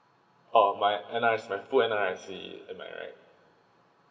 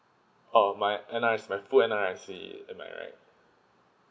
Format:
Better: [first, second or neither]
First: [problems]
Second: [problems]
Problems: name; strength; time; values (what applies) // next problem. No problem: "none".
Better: second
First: room echo; dies away in 1.9 s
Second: none